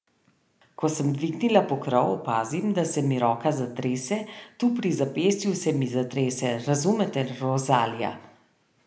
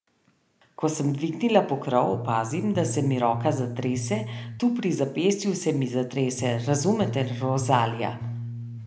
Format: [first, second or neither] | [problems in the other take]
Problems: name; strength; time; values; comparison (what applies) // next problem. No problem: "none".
first | background sound (Bass guitar); 7 dB below the speech